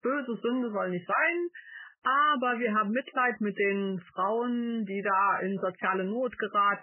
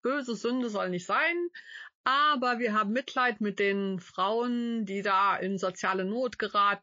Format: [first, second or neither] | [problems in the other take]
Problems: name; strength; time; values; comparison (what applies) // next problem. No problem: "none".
second | garbled, watery; badly; nothing above 3 kHz; slightly in the second